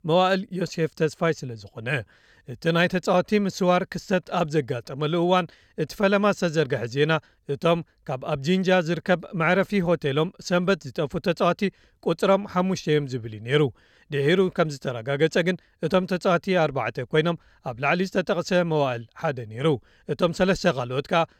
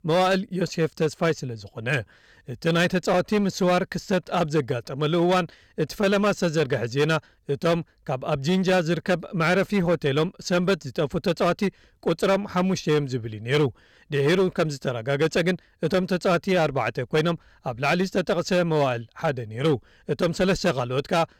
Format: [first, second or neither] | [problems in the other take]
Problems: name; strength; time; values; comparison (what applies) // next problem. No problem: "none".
first | distortion; slight; 8% of the sound clipped